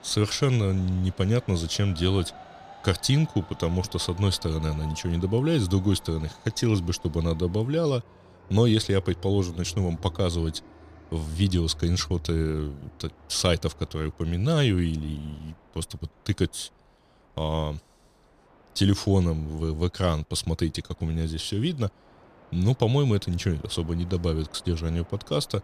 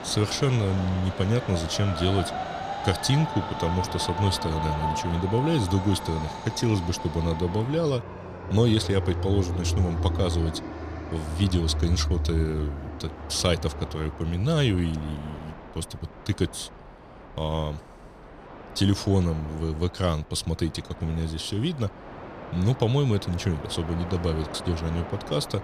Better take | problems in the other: first | train or aircraft noise; loud; throughout; 7 dB below the speech; faint in the first

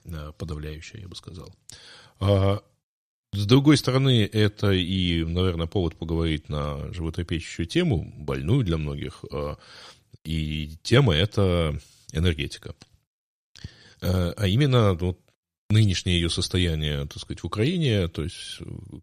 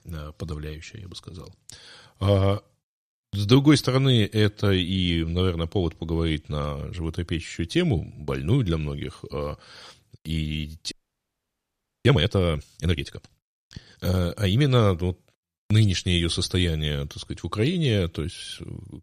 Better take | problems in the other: first | audio freezing; at 11 s for 1 s

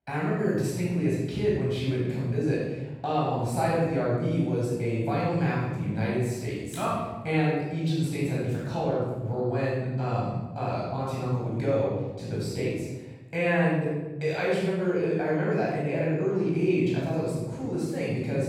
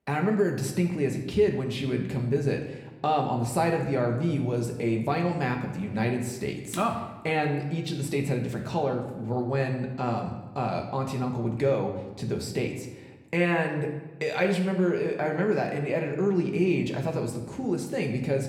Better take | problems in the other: second | room echo; strong; dies away in 1.2 s; slight in the second // off-mic speech; far; somewhat distant in the second

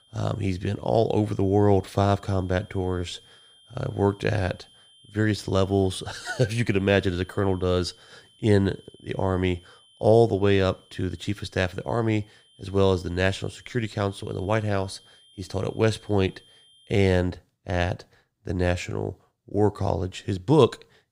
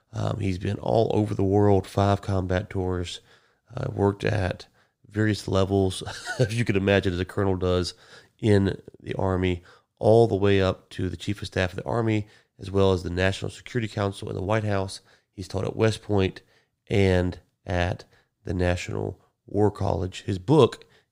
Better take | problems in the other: second | high-pitched whine; faint; until 17 s; 3 kHz, 30 dB below the speech

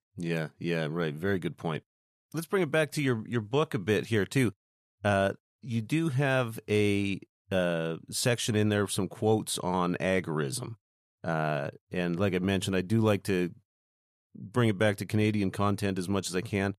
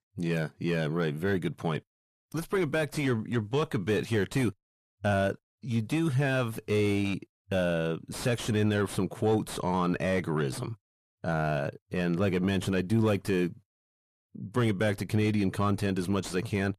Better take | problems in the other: first | distortion; slight; 10 dB below the speech

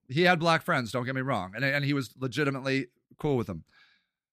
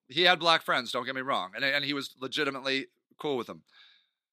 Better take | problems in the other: first | thin; somewhat; fading below 300 Hz

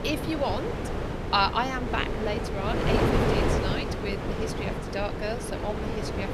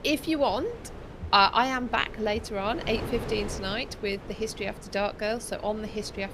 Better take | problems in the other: second | wind noise on the microphone; heavy; 2 dB below the speech; occasional gusts in the second

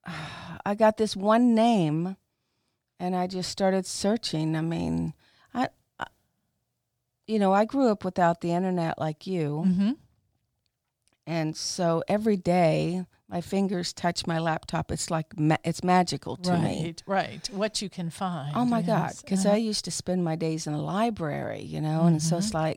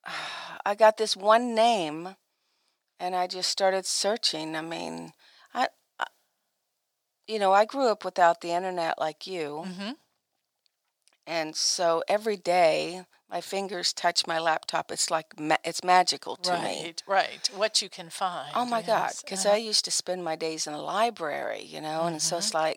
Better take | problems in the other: first | thin; very; fading below 550 Hz

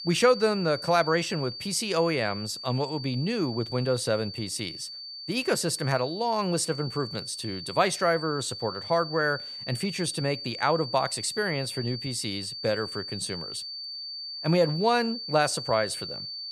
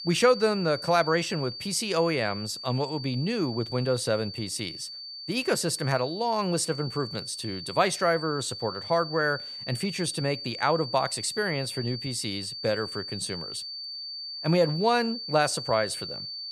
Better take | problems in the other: neither | high-pitched whine; loud; throughout; 4.5 kHz, 8 dB below the speech; the same in both

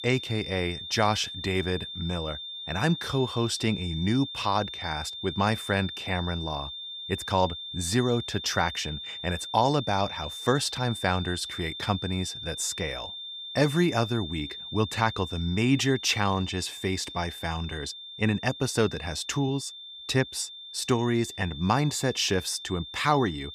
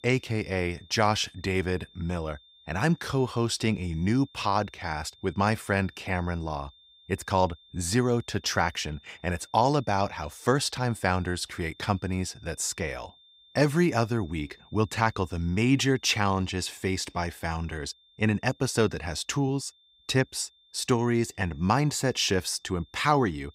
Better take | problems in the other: second | high-pitched whine; loud; throughout; 3.5 kHz, 9 dB below the speech; faint in the second

